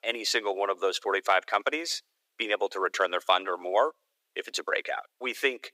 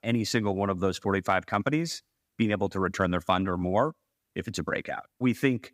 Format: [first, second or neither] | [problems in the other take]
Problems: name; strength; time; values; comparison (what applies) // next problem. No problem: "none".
second | thin; very; fading below 400 Hz